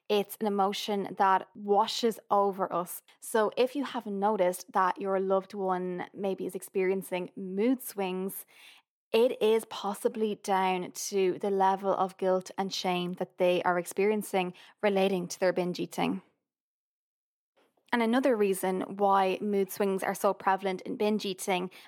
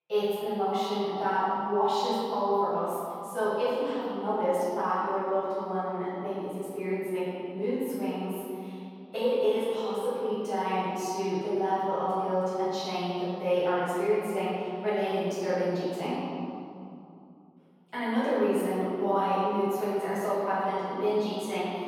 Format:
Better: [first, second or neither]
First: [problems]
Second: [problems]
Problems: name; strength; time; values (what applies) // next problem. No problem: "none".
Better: first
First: none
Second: off-mic speech; far // room echo; strong; dies away in 2.6 s